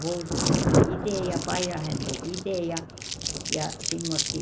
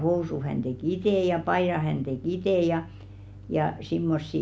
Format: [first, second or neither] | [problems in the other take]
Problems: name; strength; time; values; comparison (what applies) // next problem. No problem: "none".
second | background sound (Crumpling, crinkling + Thunder); 4 dB above the speech